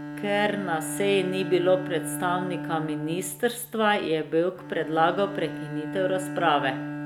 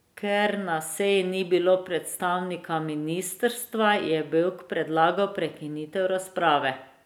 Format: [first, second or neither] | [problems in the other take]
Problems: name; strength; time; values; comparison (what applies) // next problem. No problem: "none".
second | background sound (Bowed string instrument); 8 dB below the speech